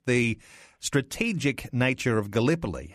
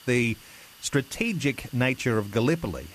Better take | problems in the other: first | hiss; faint; throughout; 20 dB below the speech

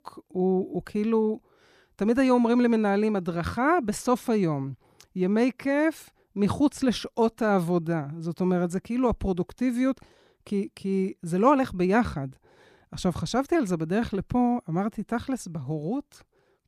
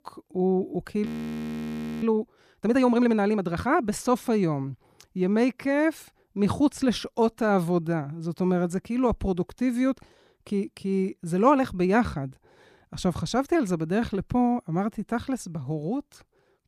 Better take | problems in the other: first | audio freezing; at 1 s for 1 s

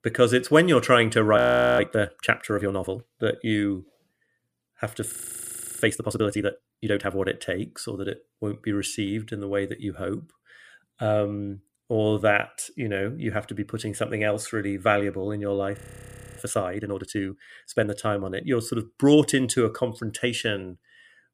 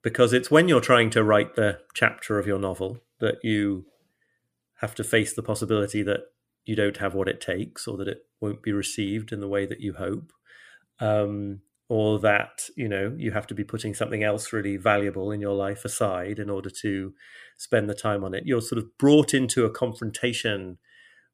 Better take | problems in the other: second | audio freezing; at 1.5 s, at 5 s for 0.5 s and at 16 s for 0.5 s

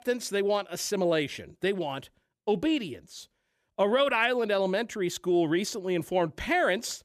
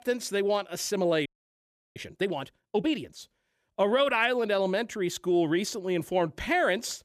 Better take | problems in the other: first | audio freezing; at 1.5 s for 0.5 s

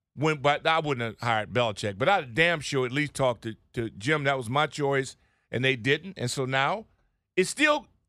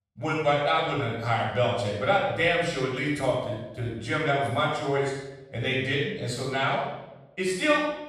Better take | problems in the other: first | off-mic speech; far // room echo; strong; dies away in 0.8 s

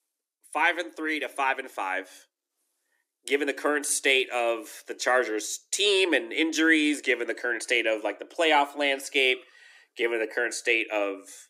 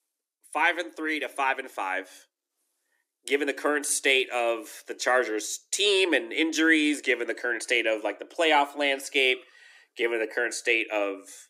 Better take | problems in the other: neither | thin; very slightly; fading below 300 Hz; the same in both

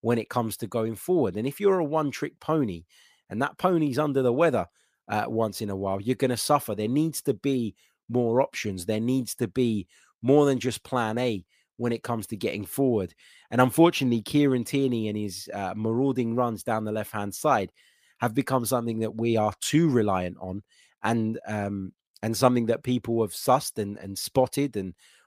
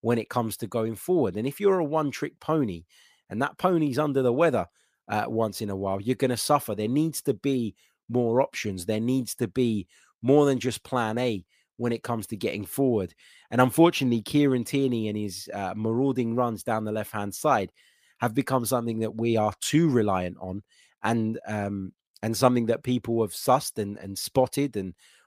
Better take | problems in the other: neither | none

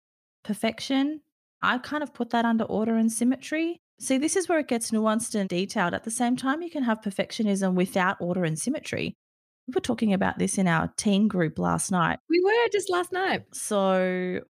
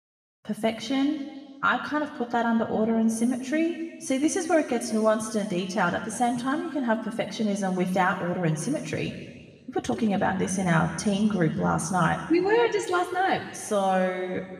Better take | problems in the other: first | room echo; slight; dies away in 1.5 s // off-mic speech; somewhat distant

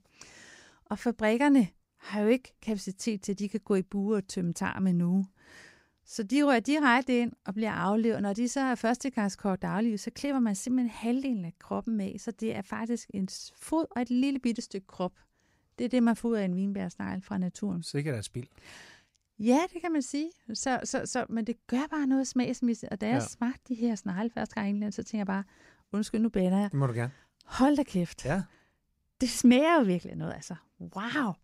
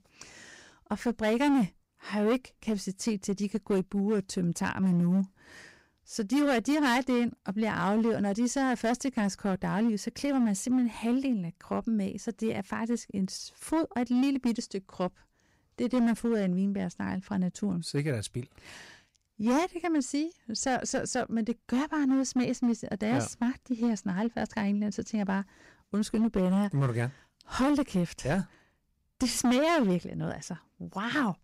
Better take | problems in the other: first | distortion; slight; 7% of the sound clipped

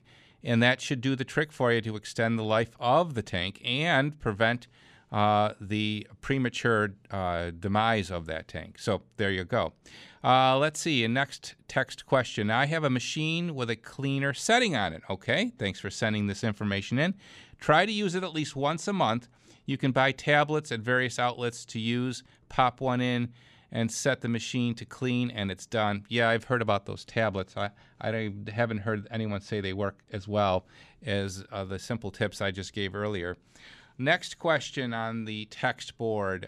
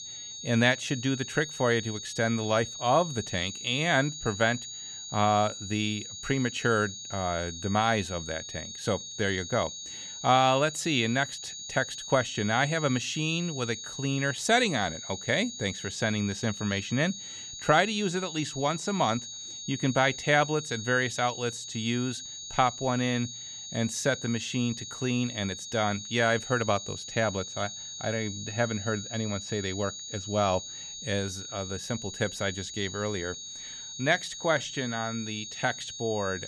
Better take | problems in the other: first | high-pitched whine; loud; throughout; 6.5 kHz, 9 dB below the speech

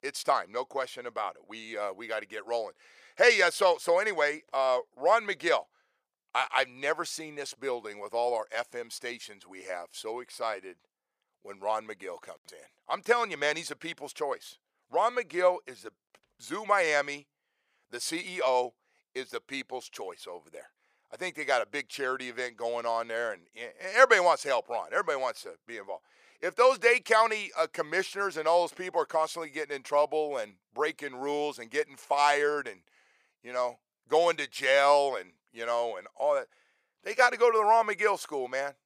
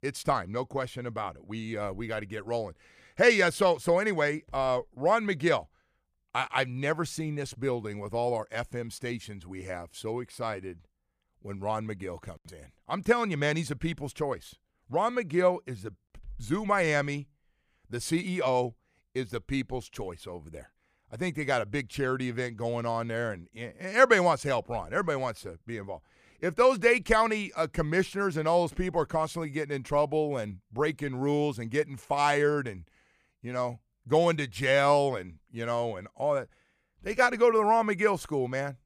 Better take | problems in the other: second | thin; very; fading below 600 Hz

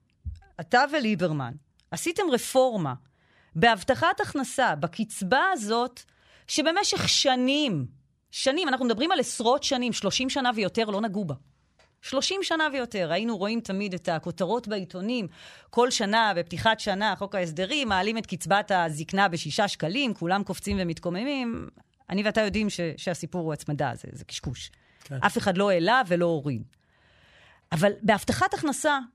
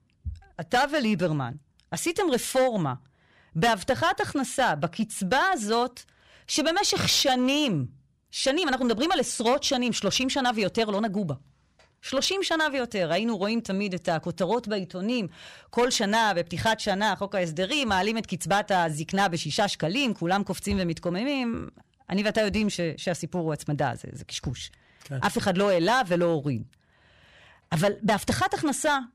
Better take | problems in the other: first | distortion; slight; 5% of the sound clipped

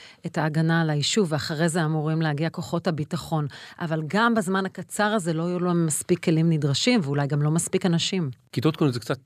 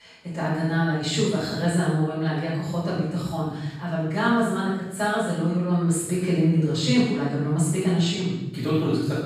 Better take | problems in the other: first | off-mic speech; far // room echo; strong; dies away in 0.9 s

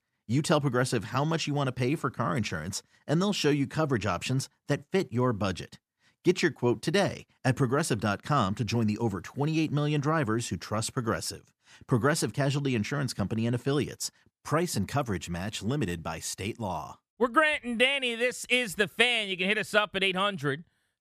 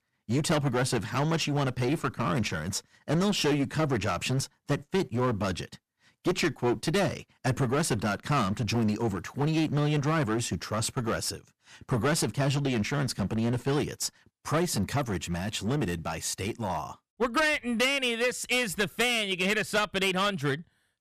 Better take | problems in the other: first | distortion; heavy; 11% of the sound clipped

